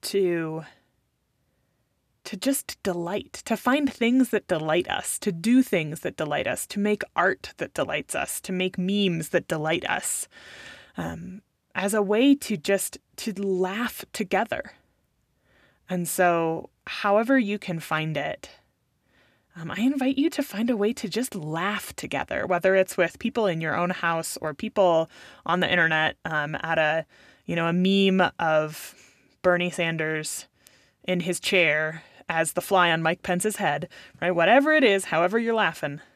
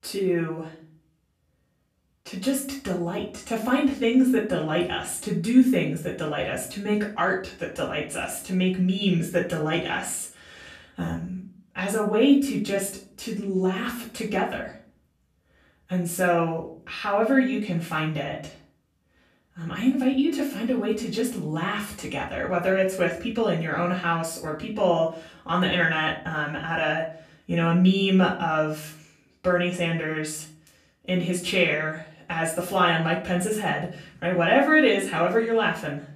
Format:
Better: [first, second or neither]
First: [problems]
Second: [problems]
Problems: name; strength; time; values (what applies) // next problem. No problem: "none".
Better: first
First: none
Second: off-mic speech; far // room echo; slight; dies away in 0.4 s